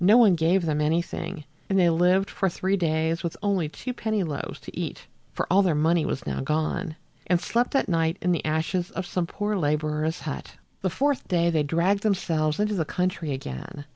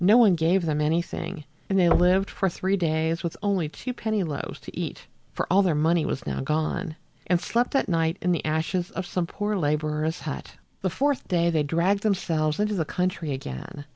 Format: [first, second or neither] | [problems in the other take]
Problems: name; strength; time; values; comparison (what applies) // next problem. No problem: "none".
first | background sound (Knock); 9 dB below the speech